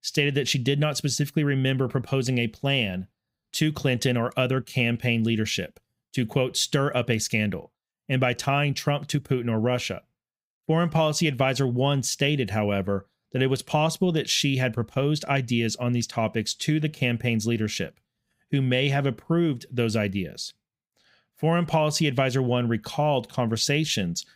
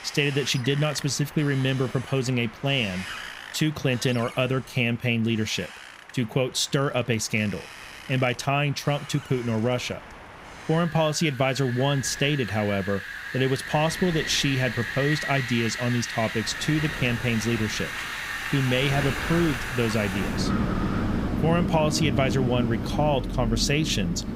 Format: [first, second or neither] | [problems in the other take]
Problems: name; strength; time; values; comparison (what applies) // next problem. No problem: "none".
first | wind in the background; loud; throughout; 6 dB below the speech